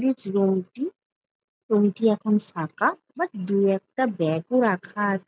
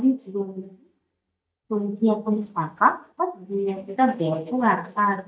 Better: first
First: none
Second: noise reduction (neural mask model DeepFilterNet 3)

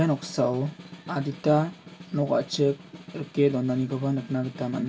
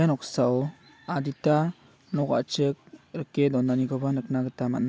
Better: second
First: background sound (Snare drum); 18 dB below the speech // room echo; dies away in 0.2 s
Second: none

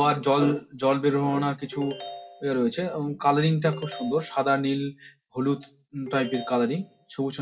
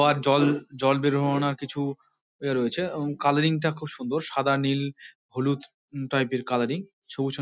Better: second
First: background sound (Ringtone); 15 dB below the speech // room echo; dies away in 0.2 s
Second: none

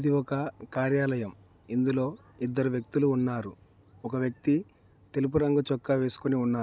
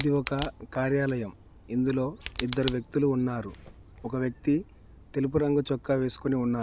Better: first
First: none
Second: background sound (Tick); 16 dB below the speech

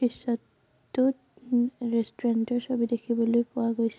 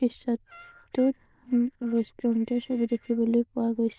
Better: first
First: none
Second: noise reduction (neural diffusion model UNIVERSE++)

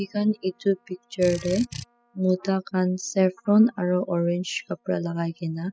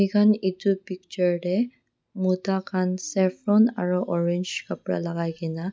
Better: second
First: noise reduction (classical method spectral subtraction)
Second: none

